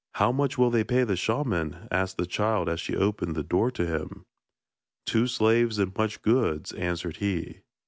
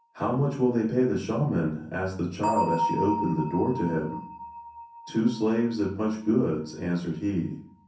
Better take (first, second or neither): first